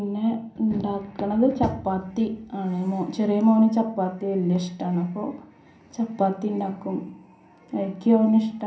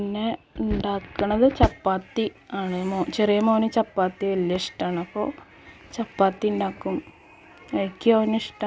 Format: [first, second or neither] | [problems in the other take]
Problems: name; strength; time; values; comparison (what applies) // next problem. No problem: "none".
second | room echo; dies away in 0.6 s